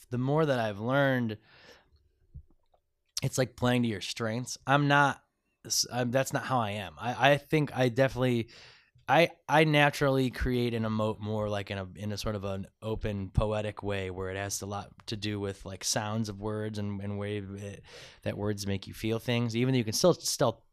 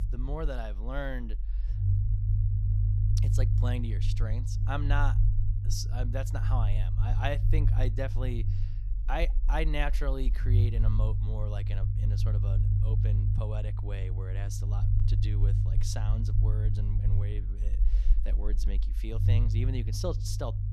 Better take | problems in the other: first | low rumble; loud; throughout; 5 dB below the speech

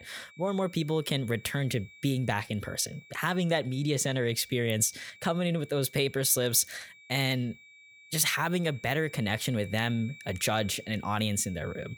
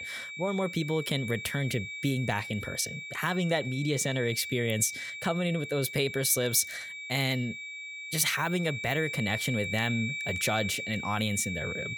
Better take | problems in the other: first | high-pitched whine; loud; throughout; 2.5 kHz, 7 dB below the speech; faint in the first

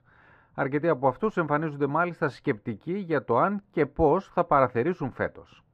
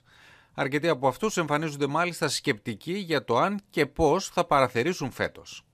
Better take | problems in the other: second | muffled; very; fading above 3 kHz

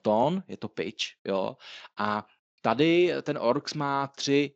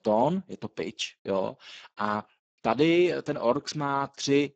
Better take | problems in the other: first | garbled, watery; badly; slightly in the first

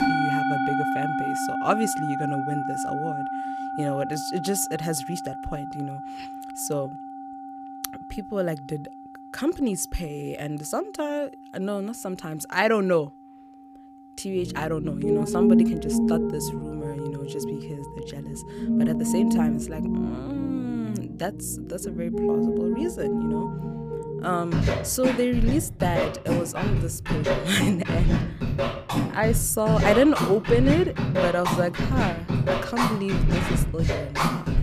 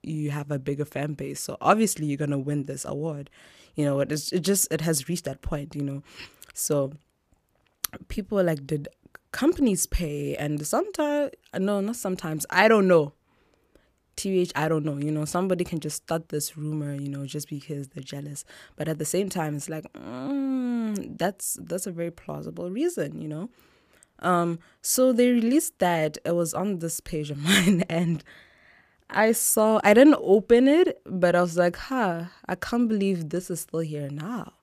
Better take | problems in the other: second | background music; very loud; throughout; 1 dB above the speech

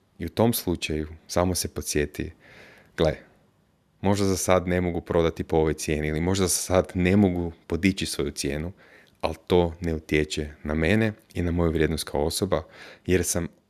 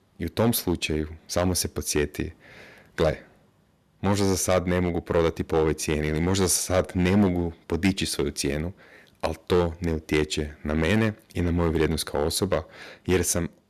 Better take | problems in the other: first | distortion; slight; 3% of the sound clipped

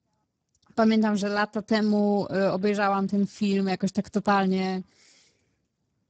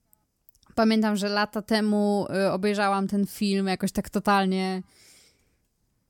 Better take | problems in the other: second | garbled, watery; badly; nothing above 8 kHz

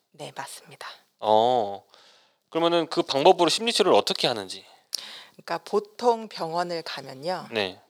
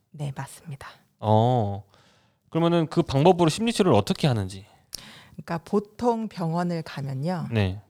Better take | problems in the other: second | thin; somewhat; fading below 450 Hz

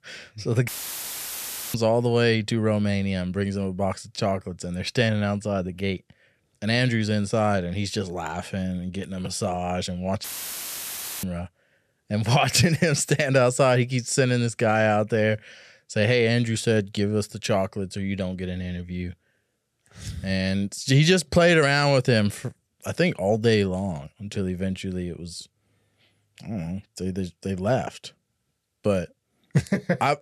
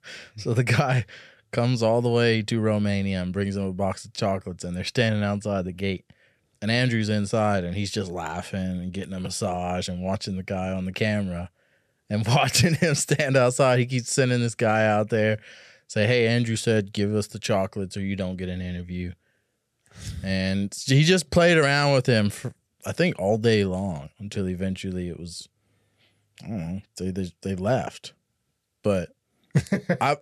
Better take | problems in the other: second | audio cutting out; filled with static; at 0.5 s for 1 s and at 10 s for 1 s

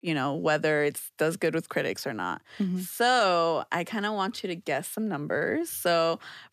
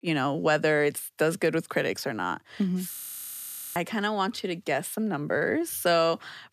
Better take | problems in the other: first | audio freezing; at 3 s for 1 s

